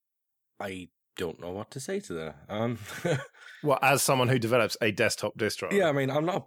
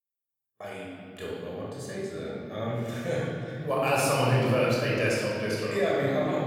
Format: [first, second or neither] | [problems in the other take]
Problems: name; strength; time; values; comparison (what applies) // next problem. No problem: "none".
first | off-mic speech; far // room echo; strong; dies away in 2.4 s